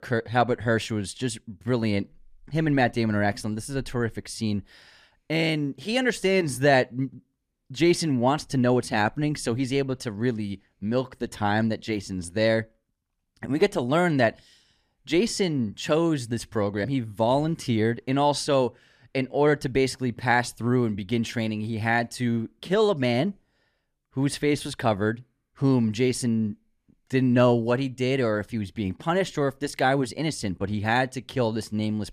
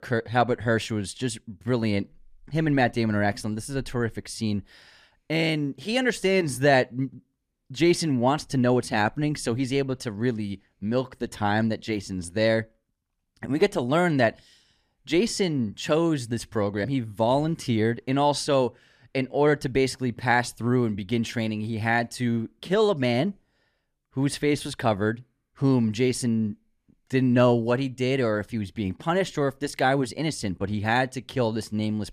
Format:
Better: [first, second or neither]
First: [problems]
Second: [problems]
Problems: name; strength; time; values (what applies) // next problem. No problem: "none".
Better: neither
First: none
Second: none